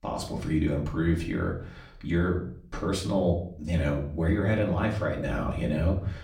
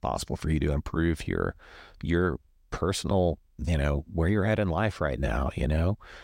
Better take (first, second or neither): second